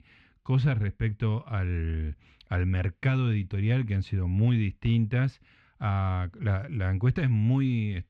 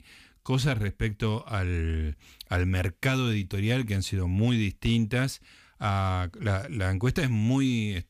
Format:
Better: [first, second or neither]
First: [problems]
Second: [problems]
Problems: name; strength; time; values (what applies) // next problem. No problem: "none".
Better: second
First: muffled; slightly; fading above 2.5 kHz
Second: none